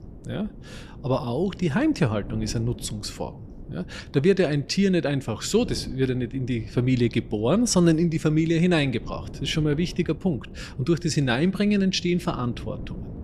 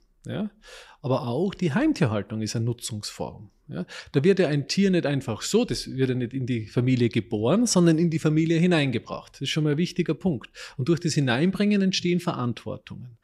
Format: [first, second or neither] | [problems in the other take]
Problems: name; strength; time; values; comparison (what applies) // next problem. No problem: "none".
second | wind noise on the microphone; occasional gusts; 20 dB below the speech